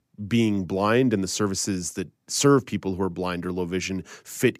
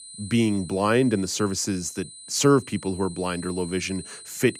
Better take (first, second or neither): first